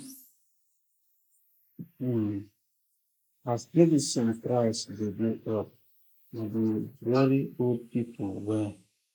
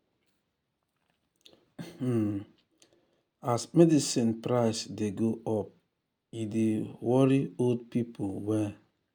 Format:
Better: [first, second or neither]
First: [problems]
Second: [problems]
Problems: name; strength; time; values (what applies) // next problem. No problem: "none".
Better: second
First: noise reduction (neural mask model Resemble Enhance denoiser)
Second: none